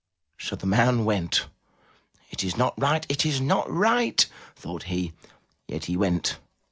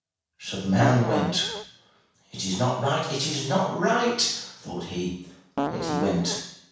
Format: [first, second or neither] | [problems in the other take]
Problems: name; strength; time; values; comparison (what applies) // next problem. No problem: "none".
first | background sound (Fart); 4 dB below the speech // room echo; dies away in 0.7 s